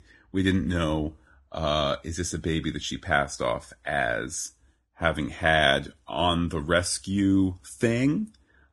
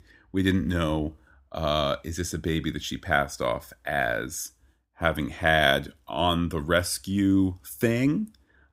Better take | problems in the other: second | garbled, watery; badly; nothing above 10.5 kHz

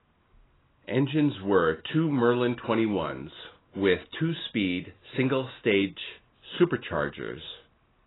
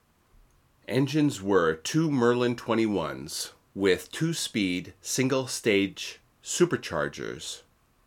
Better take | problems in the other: second | garbled, watery; badly; nothing above 4 kHz

